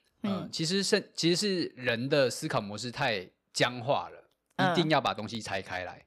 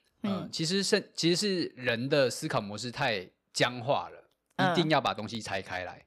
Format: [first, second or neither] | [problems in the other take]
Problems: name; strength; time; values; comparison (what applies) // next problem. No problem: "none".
neither | none